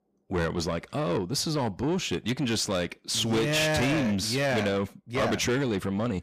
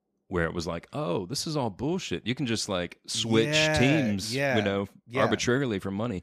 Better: second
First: distortion; heavy; 8 dB below the speech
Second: none

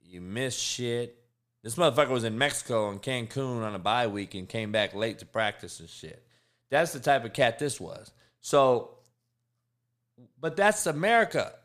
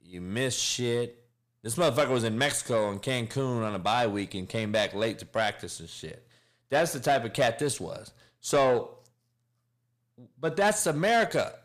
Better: first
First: none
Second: distortion; slight; 10 dB below the speech

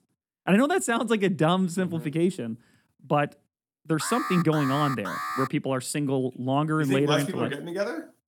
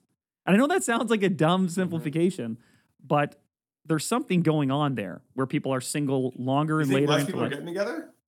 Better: second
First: alarm; noticeable; from 4 to 5.5 s; peak 5 dB below the speech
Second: none

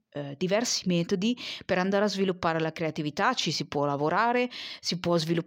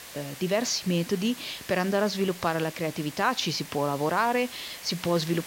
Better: first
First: none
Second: hiss; noticeable; throughout; 15 dB below the speech

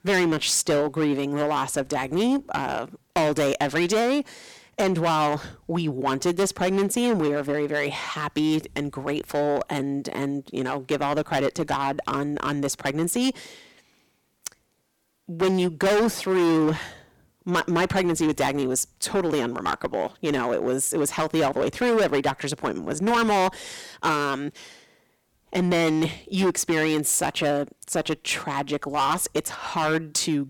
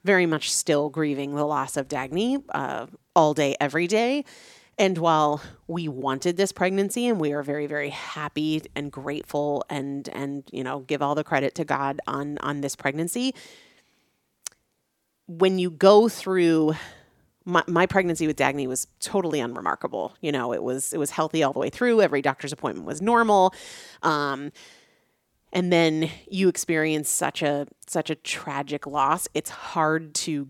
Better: second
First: distortion; heavy; 11% of the sound clipped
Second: none

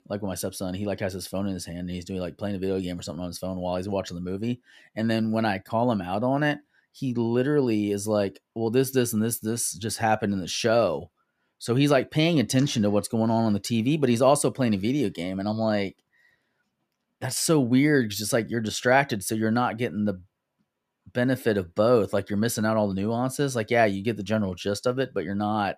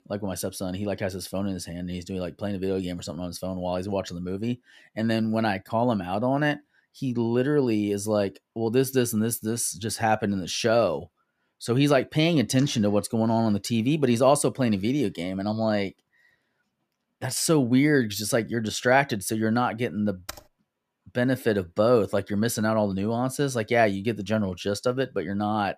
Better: first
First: none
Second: keyboard typing; faint; at 20 s; peak 15 dB below the speech

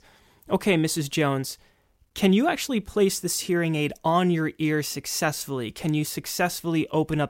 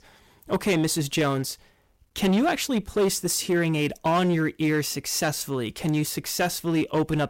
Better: first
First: none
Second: distortion; slight; 8% of the sound clipped

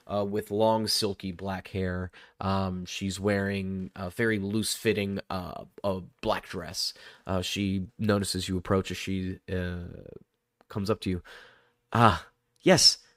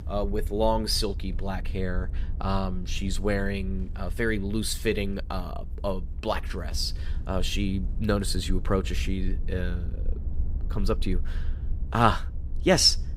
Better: first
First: none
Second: low rumble; faint; throughout; 25 dB below the speech

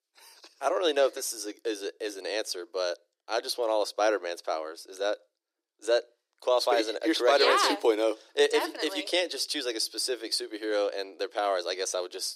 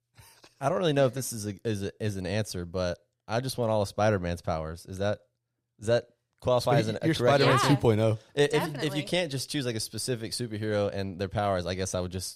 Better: second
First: thin; very; fading below 300 Hz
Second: none

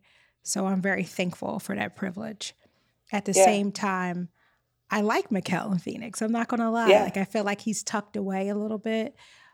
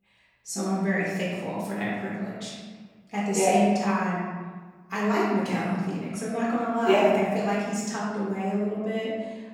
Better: first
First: none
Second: room echo; noticeable; dies away in 1.3 s // off-mic speech; far

